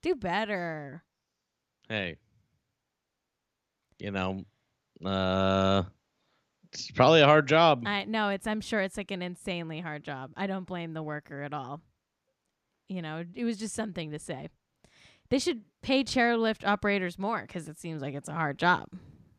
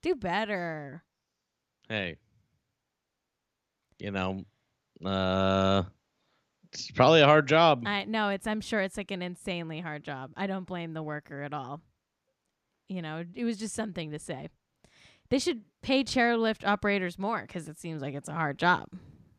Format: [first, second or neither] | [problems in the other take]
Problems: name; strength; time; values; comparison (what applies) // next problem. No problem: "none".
neither | none